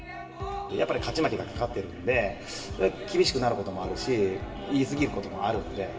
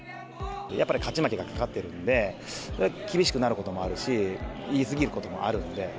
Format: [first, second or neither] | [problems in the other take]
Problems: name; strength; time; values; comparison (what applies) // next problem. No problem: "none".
second | room echo; dies away in 0.8 s